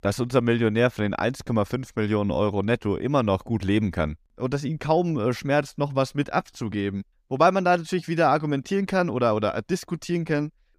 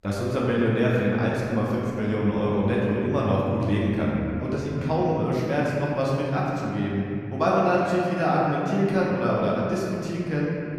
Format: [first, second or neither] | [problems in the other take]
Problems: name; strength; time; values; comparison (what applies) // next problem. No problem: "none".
first | room echo; strong; dies away in 2.9 s // off-mic speech; far